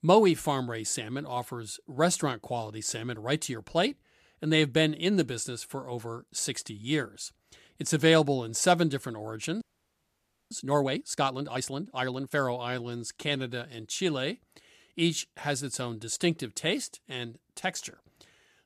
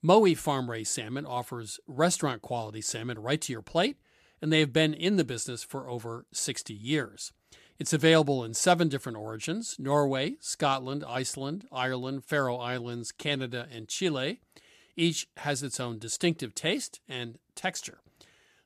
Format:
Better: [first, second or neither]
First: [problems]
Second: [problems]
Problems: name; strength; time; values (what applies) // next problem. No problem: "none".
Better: second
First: audio freezing; at 9.5 s for 1 s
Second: none